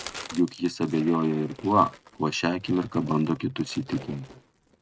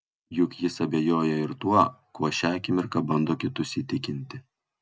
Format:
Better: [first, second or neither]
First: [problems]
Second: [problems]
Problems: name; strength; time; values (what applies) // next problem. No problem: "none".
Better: second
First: noise reduction (neural mask model RNNoise)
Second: none